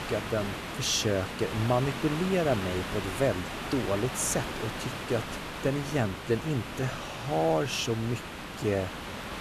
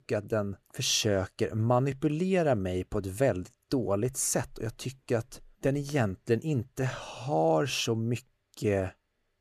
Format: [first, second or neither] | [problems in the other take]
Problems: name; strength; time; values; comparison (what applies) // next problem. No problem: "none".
second | hiss; loud; throughout; 6 dB below the speech